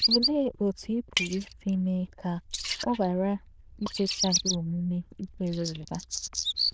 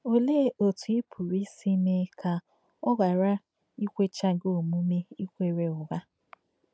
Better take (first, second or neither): second